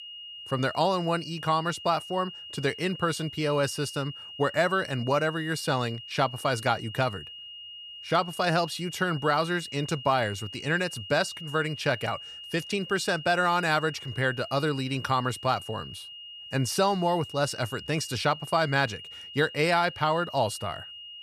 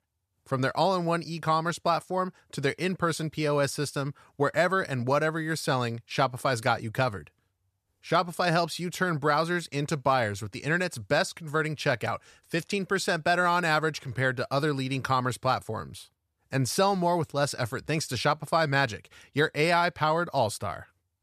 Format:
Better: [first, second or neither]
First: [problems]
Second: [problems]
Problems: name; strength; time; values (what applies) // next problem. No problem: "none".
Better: second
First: high-pitched whine; noticeable; throughout; 3 kHz, 10 dB below the speech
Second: none